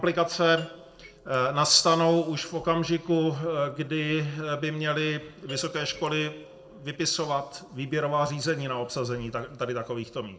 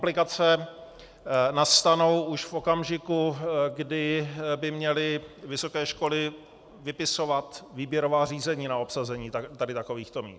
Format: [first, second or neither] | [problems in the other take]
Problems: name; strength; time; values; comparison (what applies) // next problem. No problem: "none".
second | noise reduction (neural separator model SepFormer DNS4)